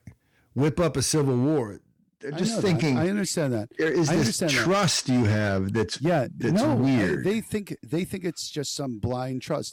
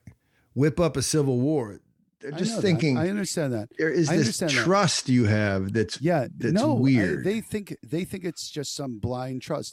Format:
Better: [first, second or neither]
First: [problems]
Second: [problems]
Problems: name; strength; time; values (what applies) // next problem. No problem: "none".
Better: second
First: distortion; slight; 8% of the sound clipped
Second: none